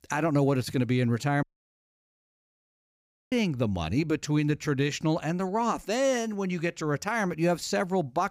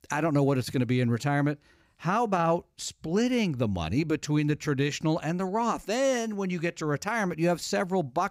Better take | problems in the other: second | audio cutting out; at 1.5 s for 2 s

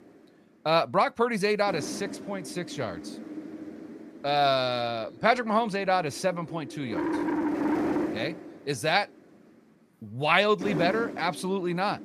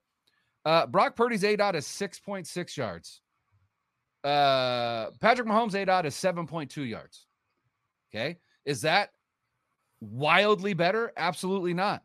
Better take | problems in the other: second | wind noise on the microphone; heavy; 10 dB below the speech

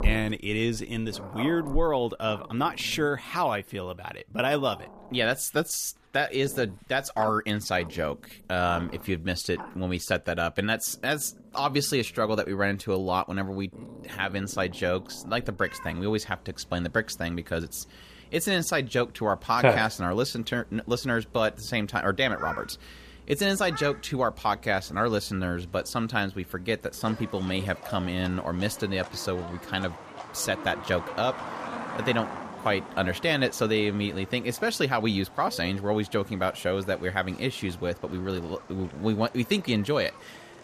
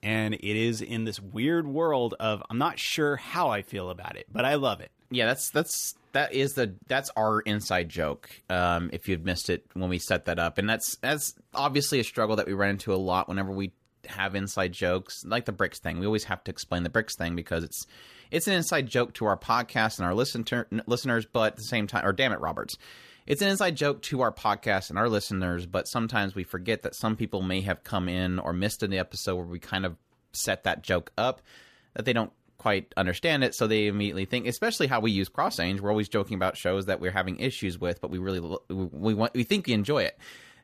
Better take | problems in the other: second | animal sounds; noticeable; throughout; 10 dB below the speech

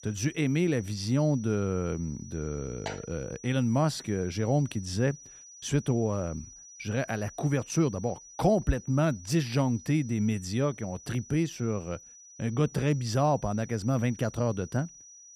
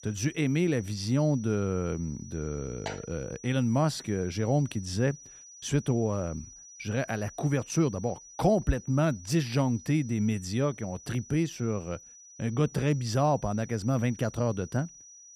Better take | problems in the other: neither | high-pitched whine; noticeable; throughout; 6 kHz, 20 dB below the speech; the same in both

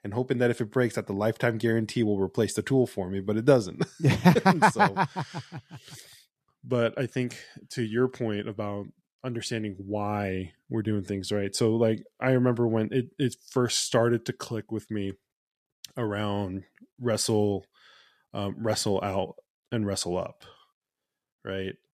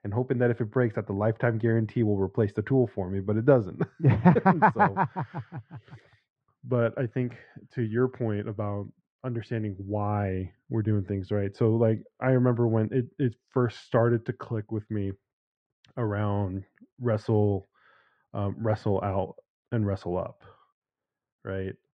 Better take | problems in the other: first | muffled; very; fading above 1.5 kHz

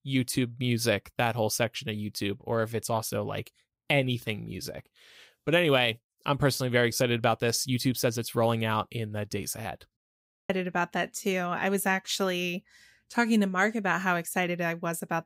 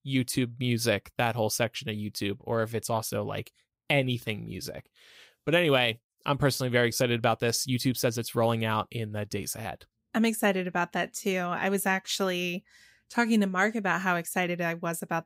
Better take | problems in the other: second | audio cutting out; at 10 s for 0.5 s

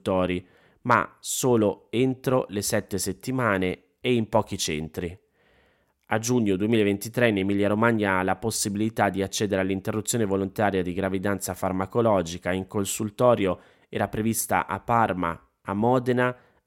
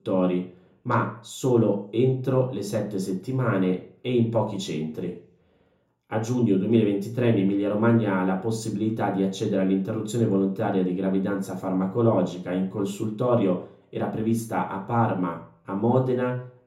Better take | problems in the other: first | room echo; slight; dies away in 0.7 s // off-mic speech; far

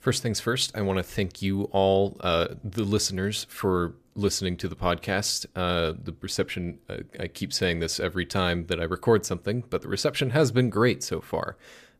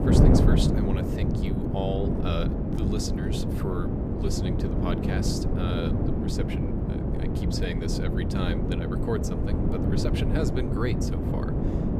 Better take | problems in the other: first | wind noise on the microphone; heavy; 2 dB above the speech

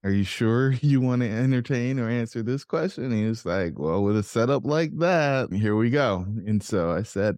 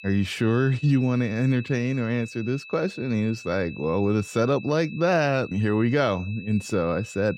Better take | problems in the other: first | high-pitched whine; noticeable; throughout; 2.5 kHz, 15 dB below the speech

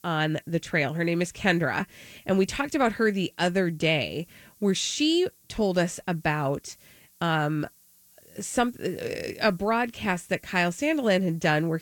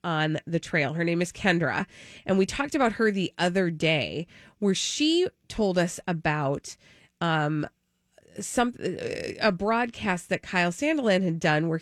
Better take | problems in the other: second | hiss; faint; throughout; 30 dB below the speech

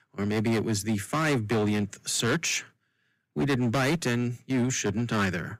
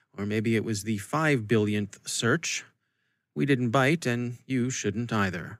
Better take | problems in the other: second | distortion; heavy; 15% of the sound clipped

